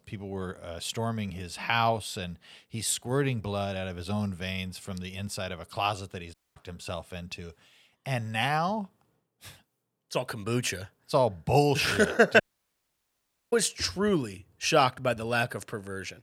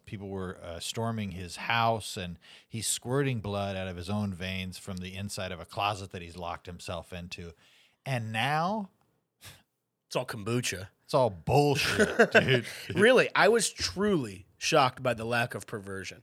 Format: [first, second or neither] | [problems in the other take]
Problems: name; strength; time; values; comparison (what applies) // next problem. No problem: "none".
second | audio cutting out; at 6.5 s and at 12 s for 1 s